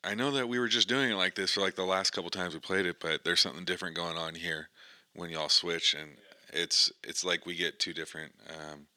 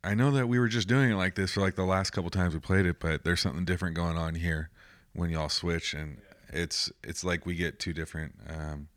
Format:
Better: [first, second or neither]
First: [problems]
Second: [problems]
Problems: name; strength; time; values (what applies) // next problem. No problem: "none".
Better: second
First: thin; somewhat; fading below 350 Hz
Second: none